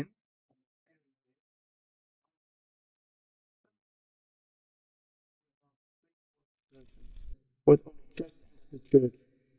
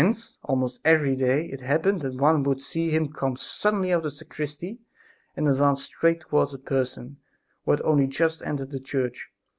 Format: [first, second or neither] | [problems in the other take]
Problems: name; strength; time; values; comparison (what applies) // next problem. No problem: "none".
second | noise reduction (neural mask model DeepFilterNet 3)